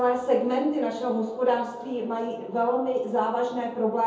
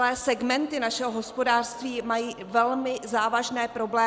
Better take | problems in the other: second | room echo; dies away in 0.7 s

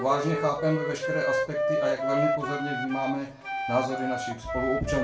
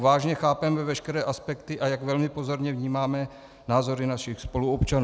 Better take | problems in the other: second | background sound (Wind instrument, woodwind instrument); as loud as the speech // room echo; dies away in 0.3 s

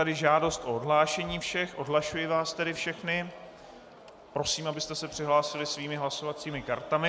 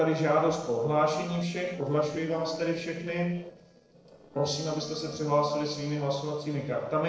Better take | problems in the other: first | noise reduction (neural separator model SepFormer DNS4)

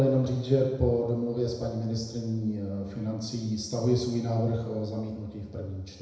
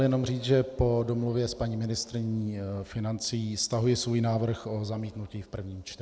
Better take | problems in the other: second | room echo; dies away in 1 s

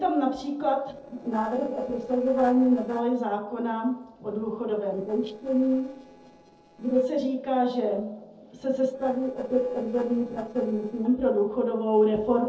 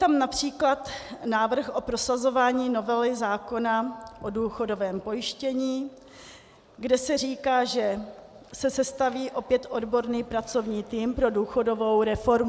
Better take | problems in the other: second | noise reduction (neural separator model SepFormer DNS4)

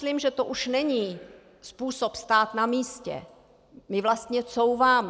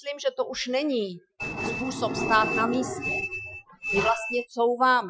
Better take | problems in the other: first | noise reduction (classical method Wiener filter)

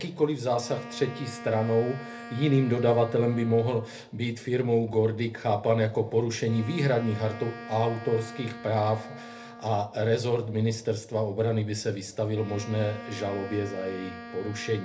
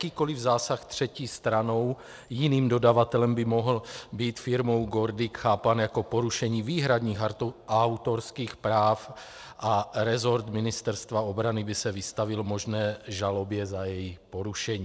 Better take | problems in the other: second | background sound (Wind instrument, woodwind instrument); 16 dB below the speech // room echo; dies away in 0.3 s

